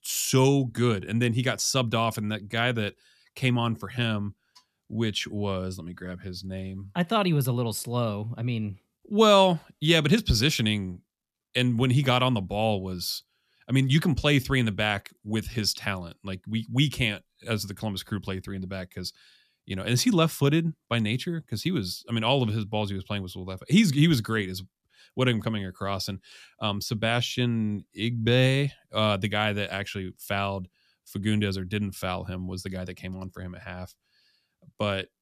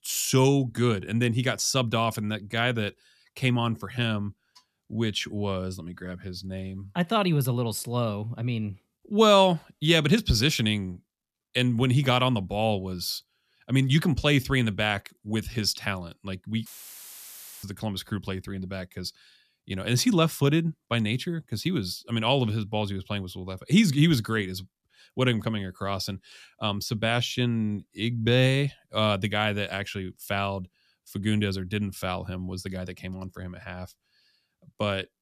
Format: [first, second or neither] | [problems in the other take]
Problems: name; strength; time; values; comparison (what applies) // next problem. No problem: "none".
first | audio cutting out; filled with static; at 17 s for 1 s